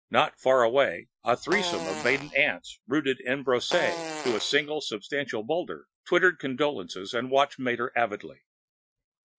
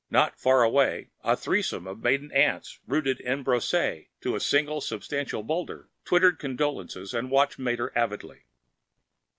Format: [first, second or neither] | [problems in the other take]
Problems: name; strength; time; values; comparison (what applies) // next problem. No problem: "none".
second | noise reduction (classical method Wiener filter)